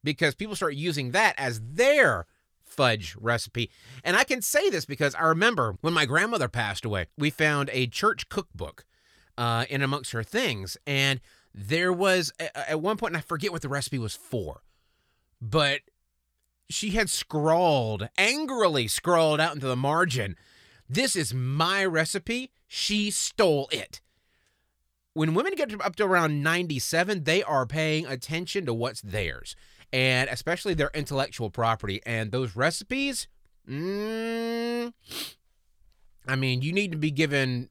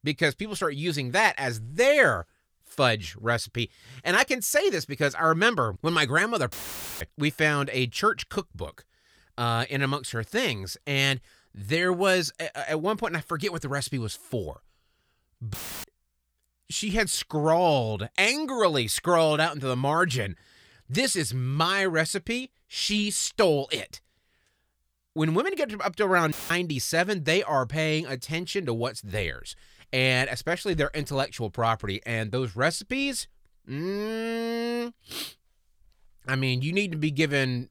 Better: first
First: none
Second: audio cutting out; filled with static; at 6.5 s, at 16 s and at 26 s

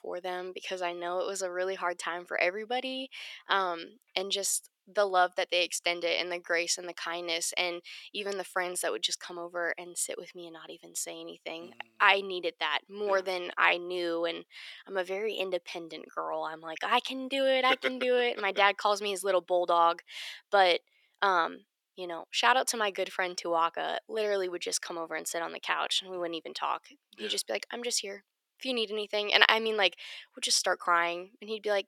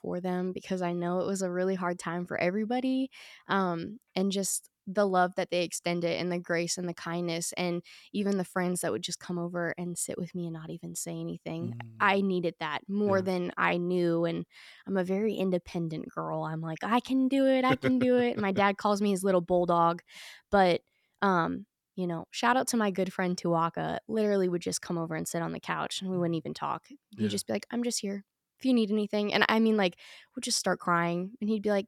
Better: second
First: thin; very; fading below 400 Hz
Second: none

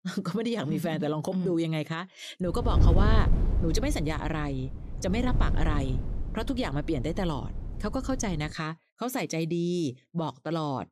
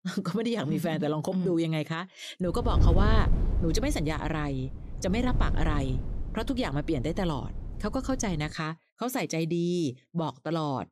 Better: second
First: wind noise on the microphone; heavy; from 2.5 to 8.5 s; 10 dB below the speech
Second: wind noise on the microphone; occasional gusts; from 2.5 to 8.5 s; 10 dB below the speech

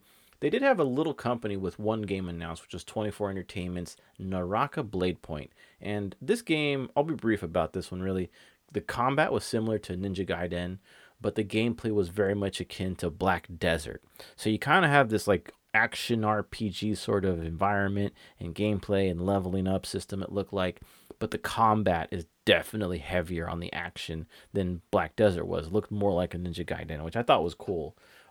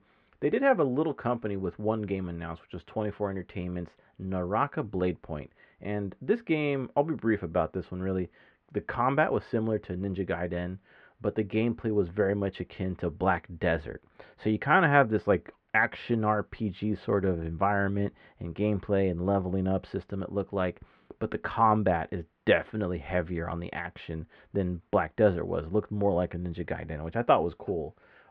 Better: first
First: none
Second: muffled; very; fading above 2 kHz

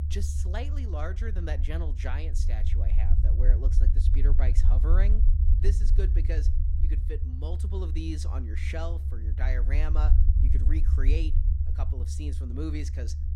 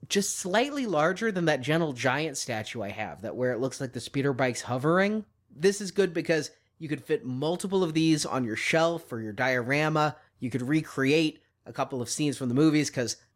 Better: second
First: low rumble; loud; throughout; 6 dB below the speech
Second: none

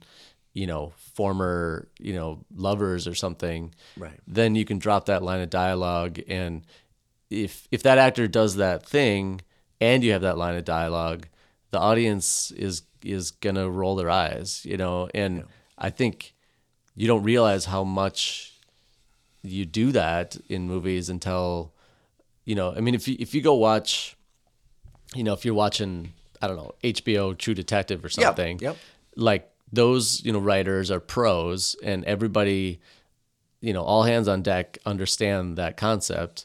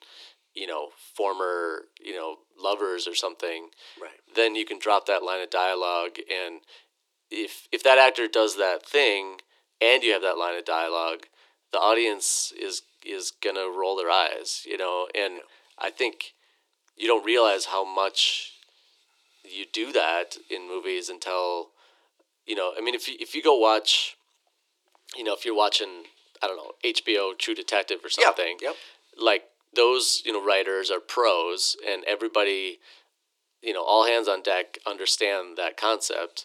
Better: first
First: none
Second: thin; very; fading below 350 Hz

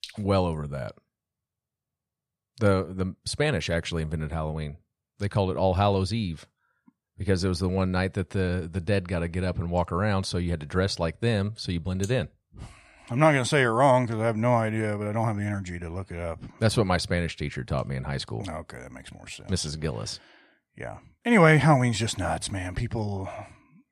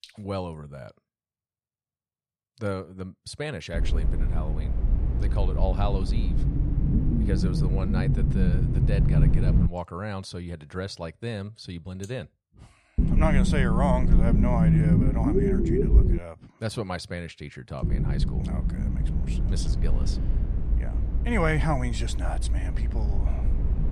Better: first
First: none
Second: low rumble; loud; from 3.5 to 9.5 s, from 13 to 16 s and from 18 s on; 2 dB below the speech

